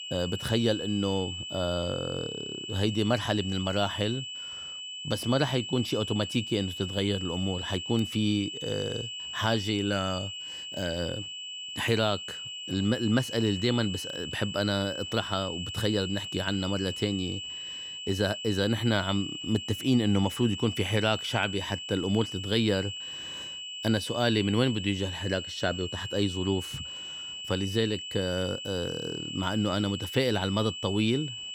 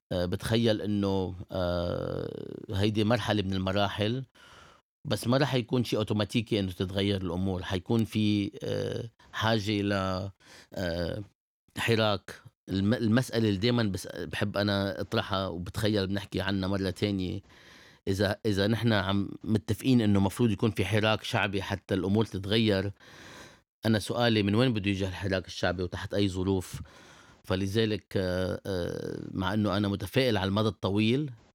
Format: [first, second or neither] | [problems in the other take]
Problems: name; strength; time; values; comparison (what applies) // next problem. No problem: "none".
second | high-pitched whine; loud; throughout; 3 kHz, 6 dB below the speech